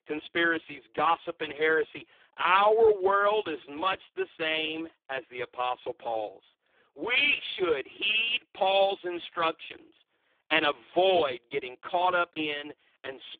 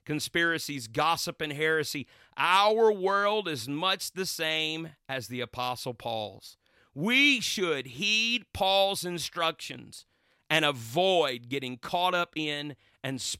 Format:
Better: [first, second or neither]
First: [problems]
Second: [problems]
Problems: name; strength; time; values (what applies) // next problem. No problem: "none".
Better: second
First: phone-call audio; poor line; nothing above 3.5 kHz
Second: none